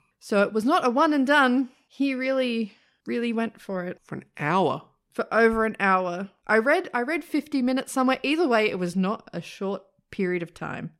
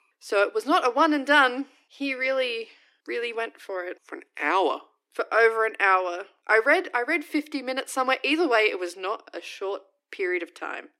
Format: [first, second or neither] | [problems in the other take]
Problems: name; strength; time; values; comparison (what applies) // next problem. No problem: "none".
first | thin; somewhat; fading below 300 Hz